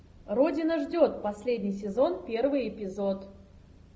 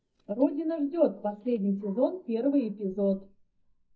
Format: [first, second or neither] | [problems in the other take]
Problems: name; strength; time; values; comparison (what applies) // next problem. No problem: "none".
first | noise reduction (neural mask model DeepFilterNet 3)